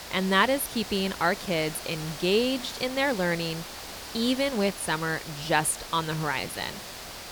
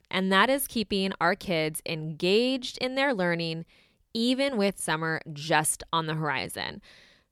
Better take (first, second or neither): second